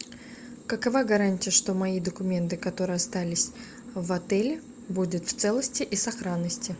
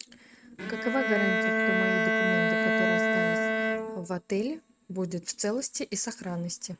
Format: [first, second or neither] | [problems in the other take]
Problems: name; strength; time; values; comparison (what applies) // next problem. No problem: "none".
first | noise reduction (neural mask model RNNoise)